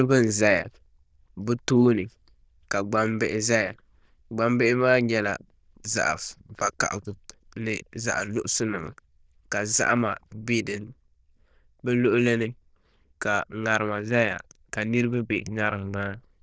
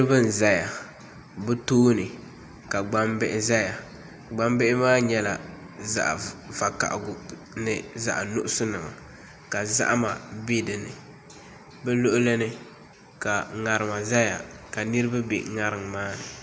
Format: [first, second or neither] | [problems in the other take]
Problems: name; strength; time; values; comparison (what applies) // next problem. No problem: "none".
second | noise reduction (neural diffusion model UNIVERSE++)